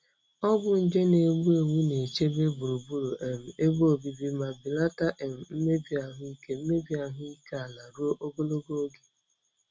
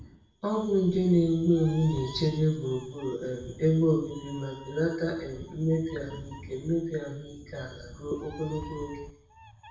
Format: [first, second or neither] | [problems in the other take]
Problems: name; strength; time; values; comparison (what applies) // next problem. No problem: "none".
first | background sound (Meow); 18 dB below the speech // room echo; dies away in 0.6 s